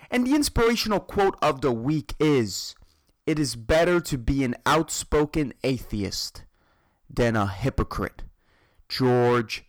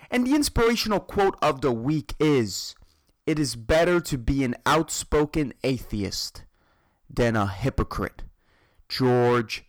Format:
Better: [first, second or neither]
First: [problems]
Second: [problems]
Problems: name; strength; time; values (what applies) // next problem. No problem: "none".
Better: neither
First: distortion; heavy; 8% of the sound clipped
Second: distortion; heavy; 8% of the sound clipped